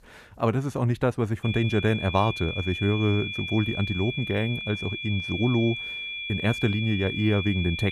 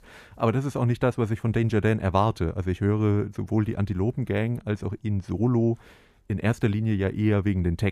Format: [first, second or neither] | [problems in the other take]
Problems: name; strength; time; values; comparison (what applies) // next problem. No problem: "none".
second | high-pitched whine; loud; from 1.5 s on; 2.5 kHz, 6 dB below the speech